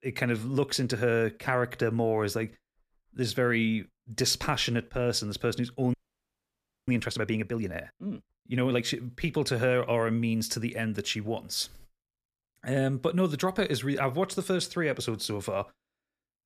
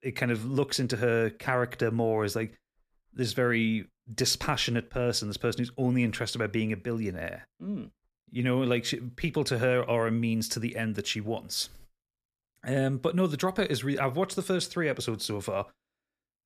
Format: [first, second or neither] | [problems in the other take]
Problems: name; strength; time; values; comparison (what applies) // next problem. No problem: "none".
second | audio freezing; at 6 s for 1 s